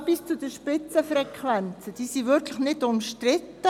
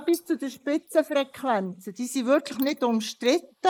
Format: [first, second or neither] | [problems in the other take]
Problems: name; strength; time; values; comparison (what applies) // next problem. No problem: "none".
first | noise reduction (neural mask model Resemble Enhance denoiser)